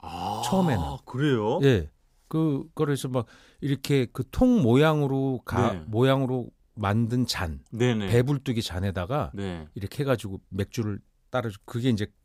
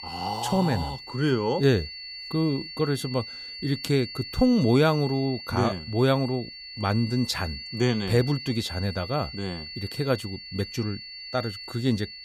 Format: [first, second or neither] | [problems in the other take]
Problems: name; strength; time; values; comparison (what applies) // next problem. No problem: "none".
first | high-pitched whine; noticeable; throughout; 4.5 kHz, 10 dB below the speech